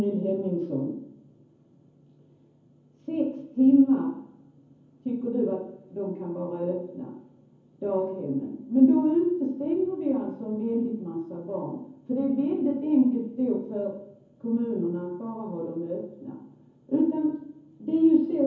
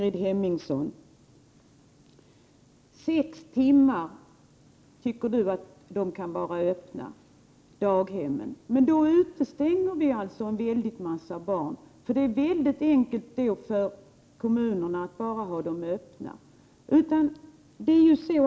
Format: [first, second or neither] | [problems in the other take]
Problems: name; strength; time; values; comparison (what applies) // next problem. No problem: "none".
second | room echo; dies away in 0.7 s